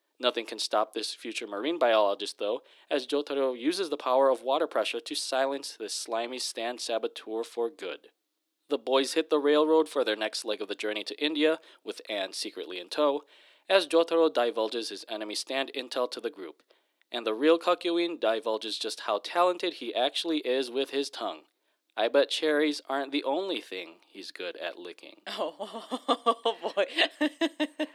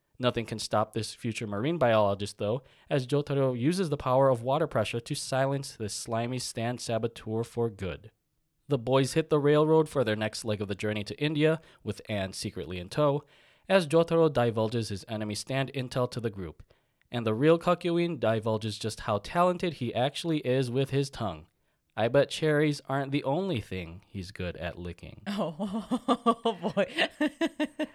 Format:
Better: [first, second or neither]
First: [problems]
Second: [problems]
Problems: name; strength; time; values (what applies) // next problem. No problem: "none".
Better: second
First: thin; somewhat; fading below 300 Hz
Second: none